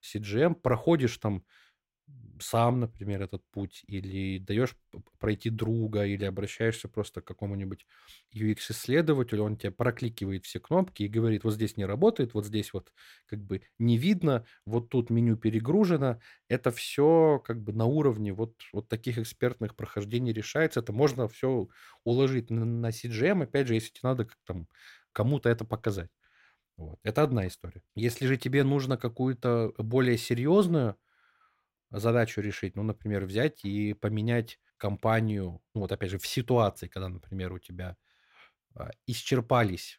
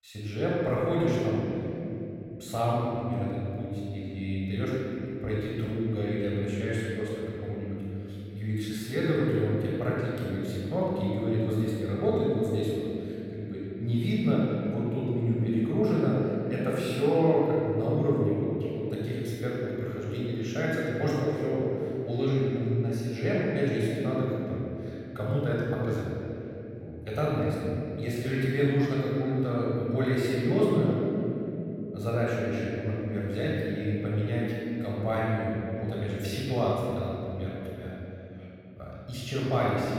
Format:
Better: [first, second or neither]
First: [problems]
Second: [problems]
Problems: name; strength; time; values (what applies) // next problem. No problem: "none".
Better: first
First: none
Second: off-mic speech; far // room echo; strong; dies away in 3 s